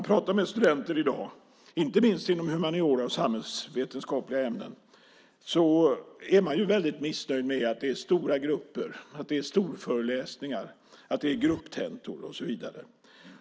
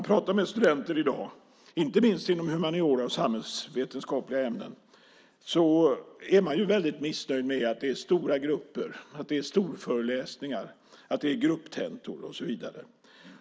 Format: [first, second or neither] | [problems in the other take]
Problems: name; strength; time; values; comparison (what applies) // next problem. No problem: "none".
second | background sound (Zipper (clothing)); 18 dB below the speech